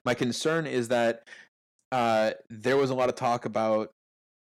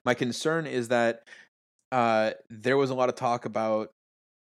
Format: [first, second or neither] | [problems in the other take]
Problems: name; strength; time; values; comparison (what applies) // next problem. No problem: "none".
second | distortion; slight; 4% of the sound clipped